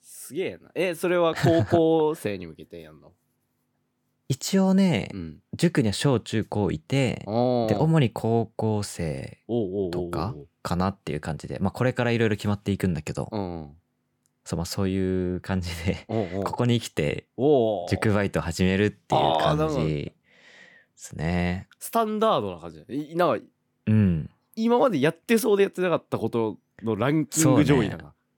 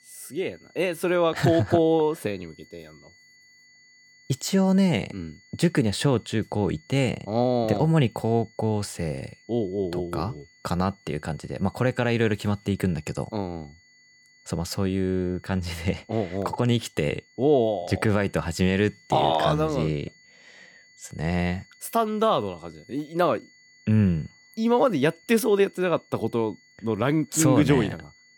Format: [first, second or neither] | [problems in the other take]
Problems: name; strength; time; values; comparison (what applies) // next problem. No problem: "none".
first | high-pitched whine; faint; throughout; 2 kHz, 30 dB below the speech